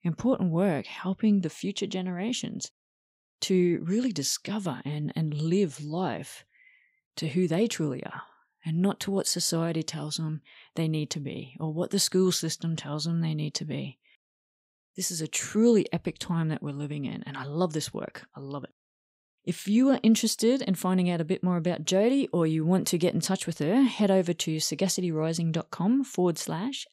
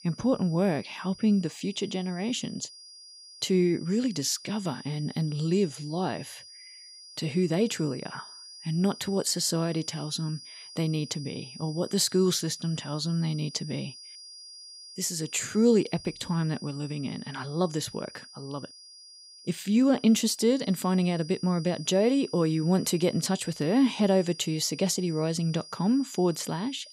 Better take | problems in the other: first | high-pitched whine; noticeable; throughout; 5 kHz, 15 dB below the speech

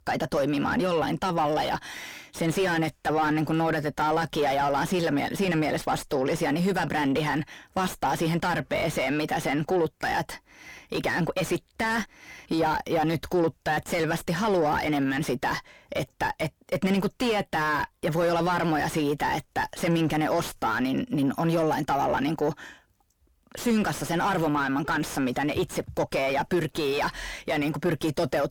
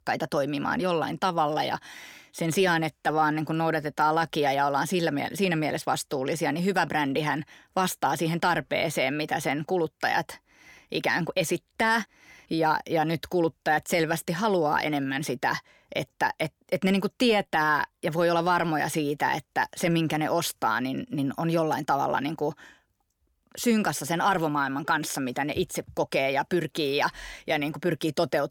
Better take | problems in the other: second | distortion; heavy; 7 dB below the speech

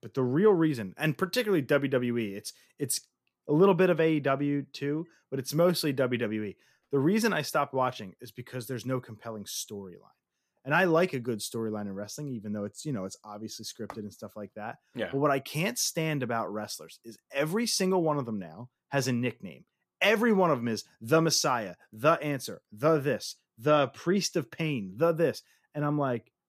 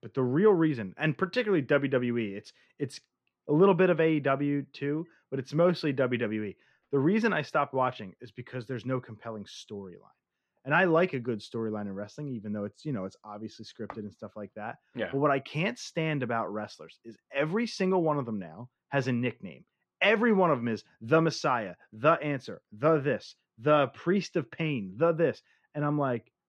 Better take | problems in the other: first | muffled; slightly; fading above 2.5 kHz

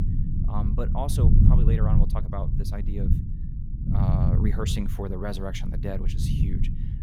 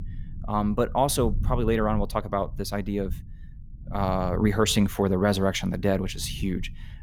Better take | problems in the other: second | low rumble; loud; throughout; 2 dB below the speech; faint in the second

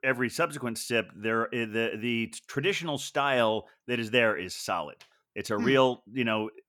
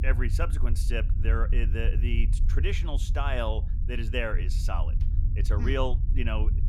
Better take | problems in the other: first | low rumble; noticeable; throughout; 15 dB below the speech

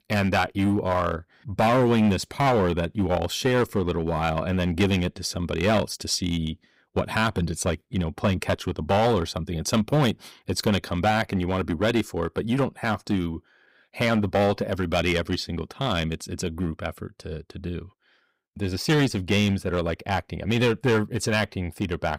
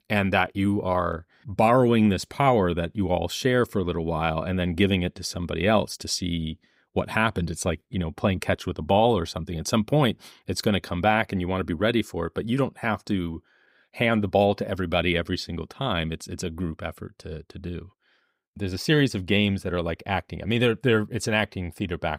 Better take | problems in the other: second | distortion; slight; 5% of the sound clipped

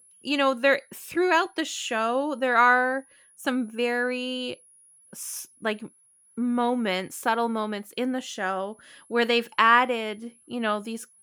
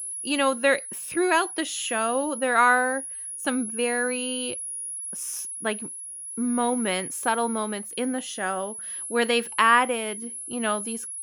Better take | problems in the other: first | high-pitched whine; loud; throughout; 10.5 kHz, 7 dB below the speech; faint in the first

